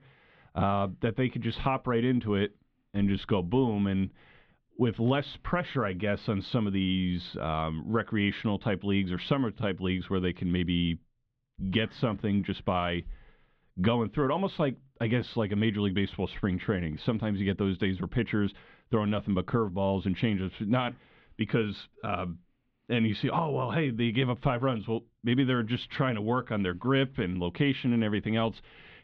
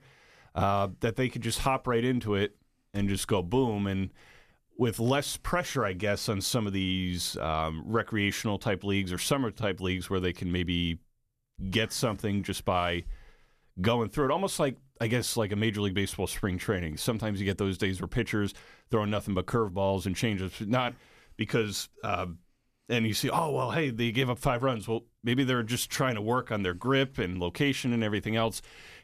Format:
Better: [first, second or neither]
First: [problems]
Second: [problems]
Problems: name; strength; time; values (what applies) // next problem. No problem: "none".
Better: second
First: muffled; very; fading above 3.5 kHz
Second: none